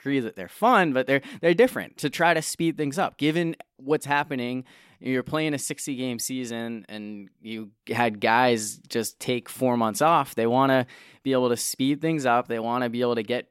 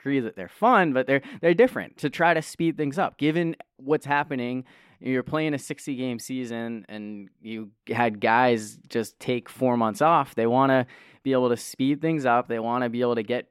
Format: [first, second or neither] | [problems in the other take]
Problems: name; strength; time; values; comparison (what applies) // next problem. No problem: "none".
first | muffled; slightly; fading above 3.5 kHz